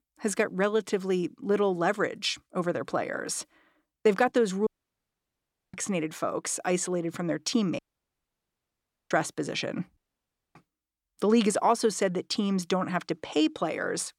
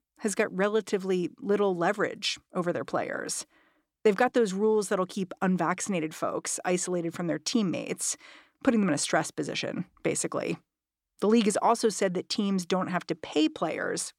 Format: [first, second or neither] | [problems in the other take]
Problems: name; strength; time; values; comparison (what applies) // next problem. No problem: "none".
second | audio cutting out; at 4.5 s for 1 s, at 8 s for 1.5 s and at 10 s for 0.5 s